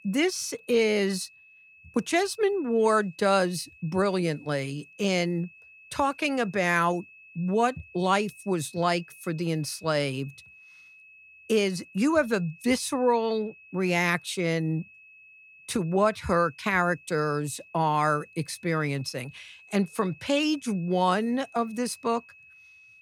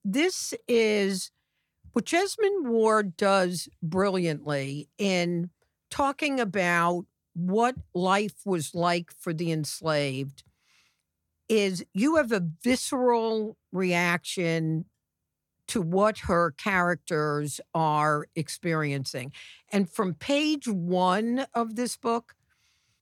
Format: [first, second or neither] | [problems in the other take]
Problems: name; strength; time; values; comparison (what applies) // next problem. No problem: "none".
second | high-pitched whine; faint; throughout; 2.5 kHz, 25 dB below the speech